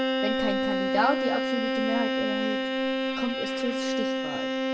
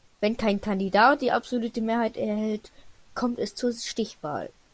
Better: second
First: background sound (Bowed string instrument); 4 dB above the speech // room echo; dies away in 0.7 s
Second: none

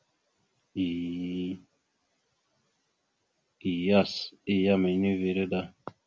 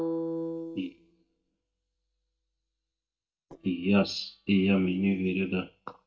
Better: first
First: none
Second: noise reduction (neural mask model DeepFilterNet 3)

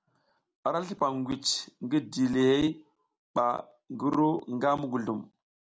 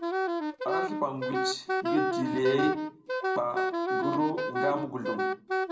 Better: first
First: none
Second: background sound (Wind instrument, woodwind instrument); 2 dB above the speech // room echo; dies away in 0.5 s

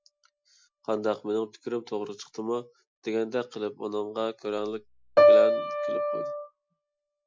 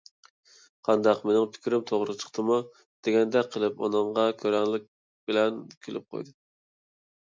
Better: second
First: noise reduction (classical method Wiener filter)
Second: none

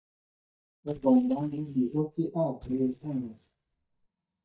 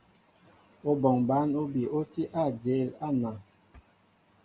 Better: second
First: noise reduction (neural mask model DeepFilterNet 3)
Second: none

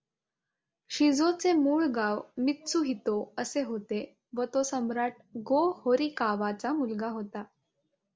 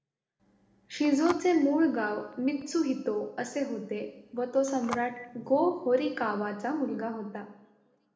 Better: first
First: none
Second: background sound (Telephone); 16 dB below the speech // room echo; dies away in 0.9 s

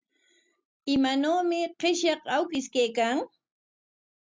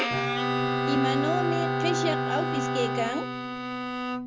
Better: first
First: none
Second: background sound (Bowed string instrument + Bowed string instrument); 4 dB above the speech

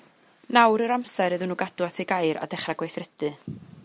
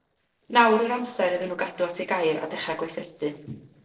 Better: first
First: none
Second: noise reduction (neural separator model SepFormer DNS4)

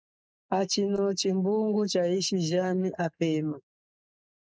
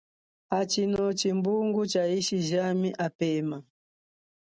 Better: second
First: noise reduction (neural mask model Resemble Enhance denoiser)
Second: none

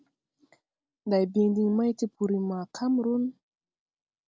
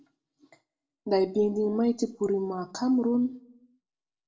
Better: first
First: none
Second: room echo; dies away in 0.3 s

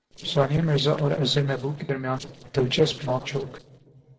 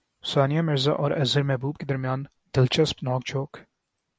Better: second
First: noise reduction (neural separator model SepFormer DNS4)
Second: none

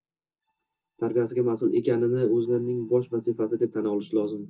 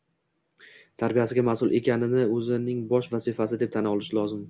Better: second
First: noise reduction (neural mask model DeepFilterNet 3)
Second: none

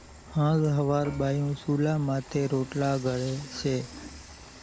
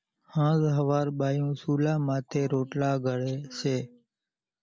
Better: second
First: background sound (Frying (food) / Dishes, pots, and pans); 17 dB below the speech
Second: none

